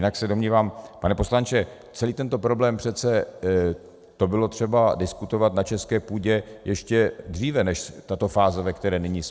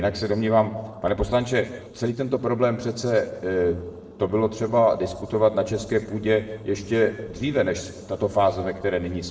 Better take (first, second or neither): first